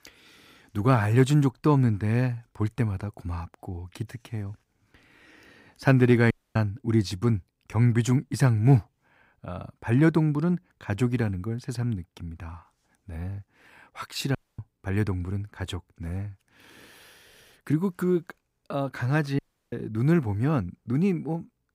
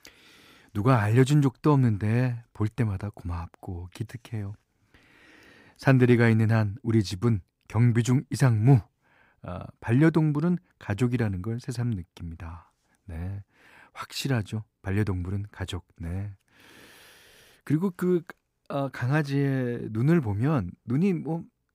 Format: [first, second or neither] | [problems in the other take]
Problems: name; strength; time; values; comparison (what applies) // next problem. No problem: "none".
second | audio cutting out; at 6.5 s, at 14 s and at 19 s